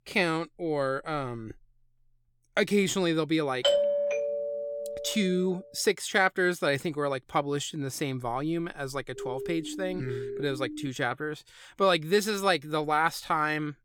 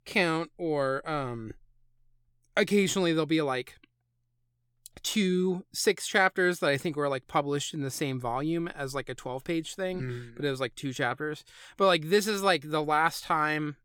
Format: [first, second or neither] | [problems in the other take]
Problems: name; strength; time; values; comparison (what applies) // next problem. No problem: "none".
second | doorbell; loud; from 3.5 to 5 s; peak 4 dB above the speech // siren; noticeable; from 9 to 11 s; peak 7 dB below the speech